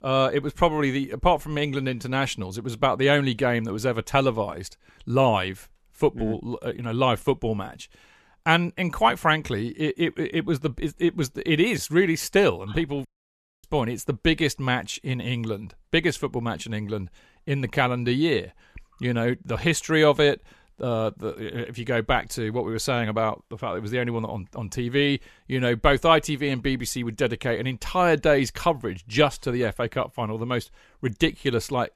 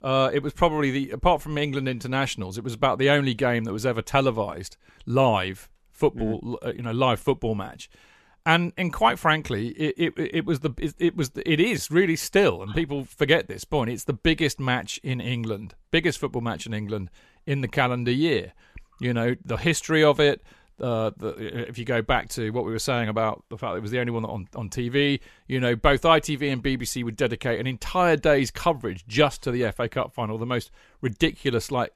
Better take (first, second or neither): second